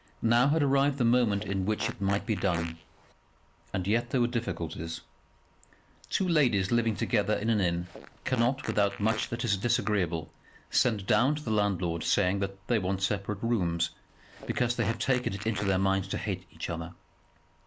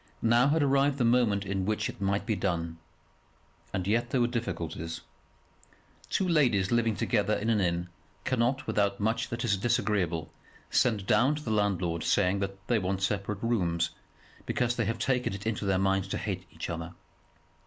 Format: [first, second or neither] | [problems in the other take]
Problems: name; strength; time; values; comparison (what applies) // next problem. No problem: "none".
second | background sound (Fart); 14 dB below the speech